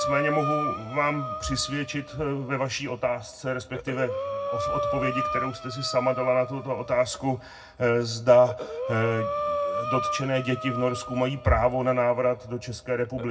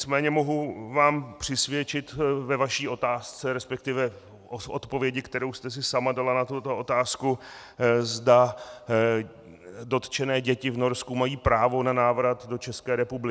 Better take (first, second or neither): second